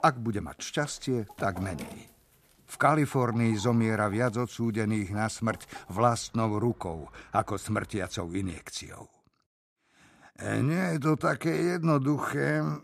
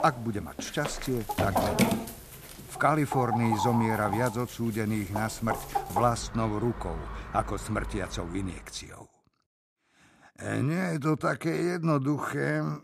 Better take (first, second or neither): first